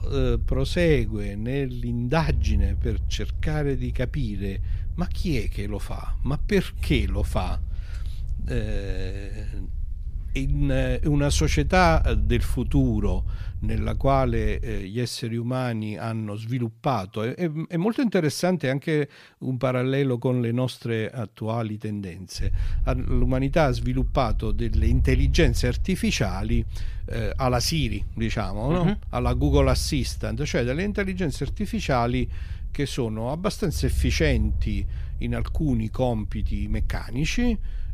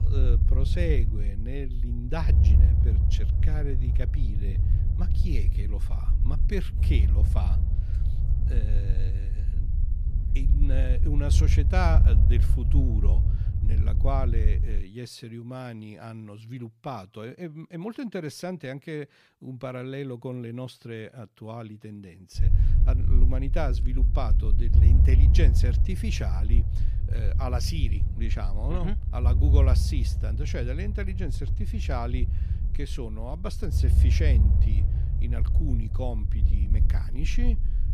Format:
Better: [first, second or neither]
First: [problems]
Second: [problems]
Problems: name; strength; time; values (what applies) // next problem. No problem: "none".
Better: first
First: low rumble; faint; until 15 s and from 22 s on; 20 dB below the speech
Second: low rumble; loud; until 15 s and from 22 s on; 5 dB below the speech